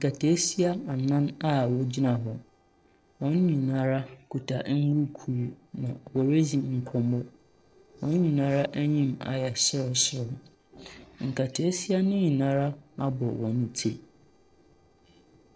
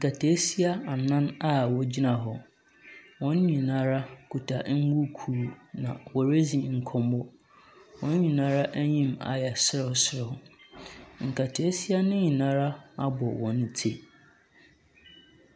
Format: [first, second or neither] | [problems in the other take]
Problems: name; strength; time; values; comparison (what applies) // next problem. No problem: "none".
second | noise reduction (neural separator model SepFormer DNS4)